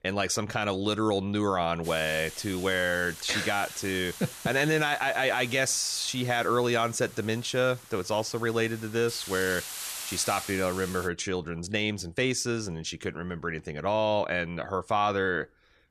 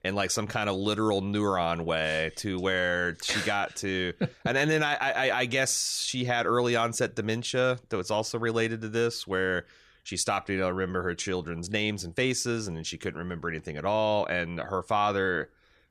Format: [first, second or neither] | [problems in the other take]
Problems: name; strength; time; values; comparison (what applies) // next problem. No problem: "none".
second | hiss; noticeable; from 2 to 11 s; 10 dB below the speech